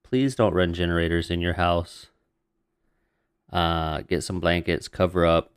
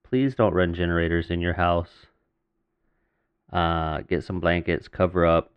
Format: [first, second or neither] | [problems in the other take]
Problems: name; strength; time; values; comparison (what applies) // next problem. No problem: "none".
first | muffled; slightly; fading above 2 kHz